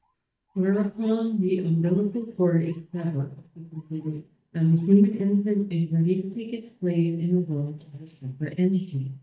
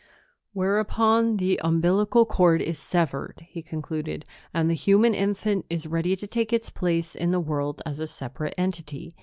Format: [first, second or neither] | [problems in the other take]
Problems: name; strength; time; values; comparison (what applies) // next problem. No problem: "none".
second | noise reduction (neural mask model DeepFilterNet 3)